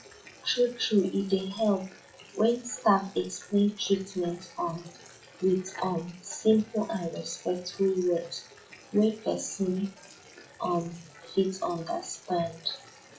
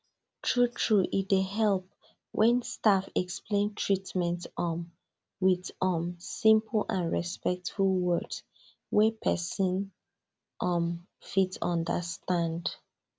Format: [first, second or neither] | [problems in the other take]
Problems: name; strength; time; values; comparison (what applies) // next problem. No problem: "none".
second | noise reduction (classical method WPE with log-MMSE)